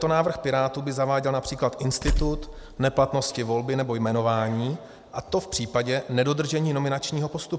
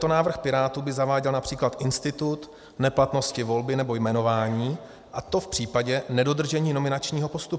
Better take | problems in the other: second | background sound (Tools); 6 dB below the speech

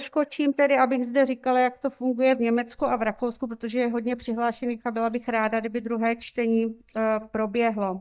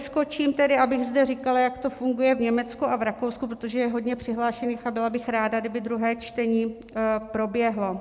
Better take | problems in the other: second | noise reduction (neural mask model DeepFilterNet 3)

